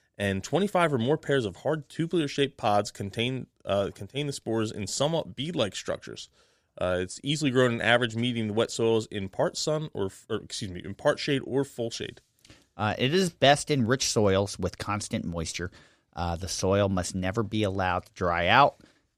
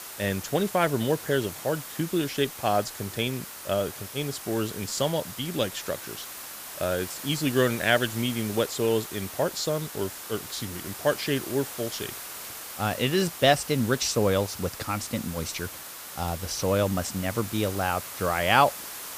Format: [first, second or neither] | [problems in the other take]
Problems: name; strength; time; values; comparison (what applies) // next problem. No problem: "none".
first | hiss; loud; throughout; 10 dB below the speech